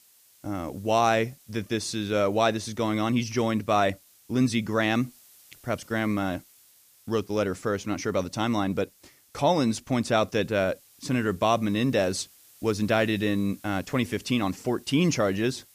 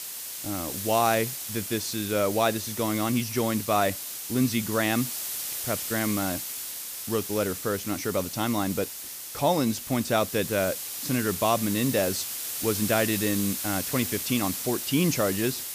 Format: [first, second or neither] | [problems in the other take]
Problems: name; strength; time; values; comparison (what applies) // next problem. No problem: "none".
first | hiss; loud; throughout; 4 dB below the speech; faint in the first